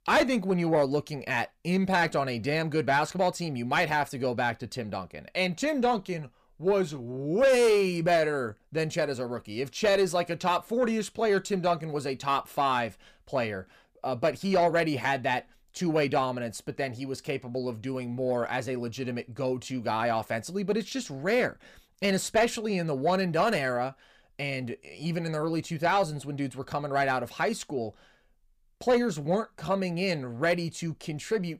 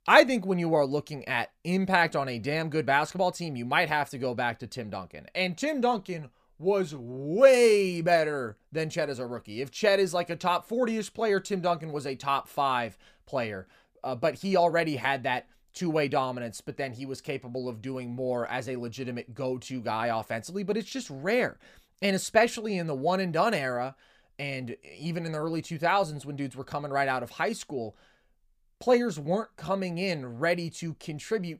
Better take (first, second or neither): second